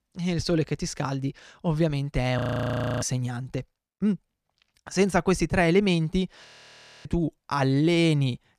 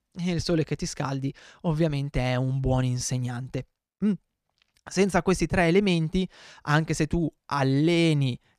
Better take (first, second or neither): second